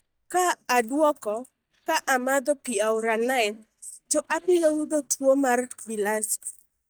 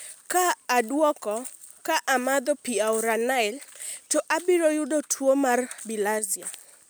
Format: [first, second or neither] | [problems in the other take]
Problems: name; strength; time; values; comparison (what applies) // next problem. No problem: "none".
second | noise reduction (neural mask model DeepFilterNet 3)